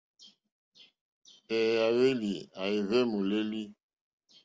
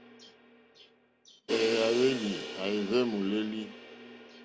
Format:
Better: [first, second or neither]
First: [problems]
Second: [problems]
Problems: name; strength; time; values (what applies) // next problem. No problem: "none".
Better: first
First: none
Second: background sound (Crash cymbal); 8 dB below the speech